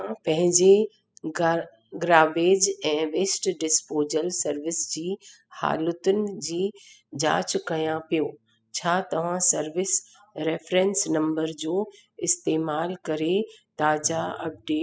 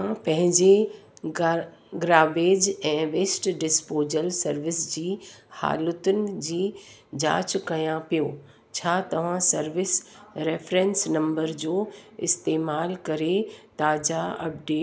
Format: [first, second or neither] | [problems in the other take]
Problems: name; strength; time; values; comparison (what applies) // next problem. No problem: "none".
second | noise reduction (classical method spectral subtraction)